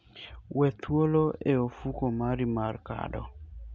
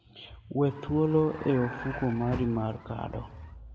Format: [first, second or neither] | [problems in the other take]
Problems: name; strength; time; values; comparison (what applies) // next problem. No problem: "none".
first | background sound (Vehicle); 13 dB below the speech // room echo; dies away in 1 s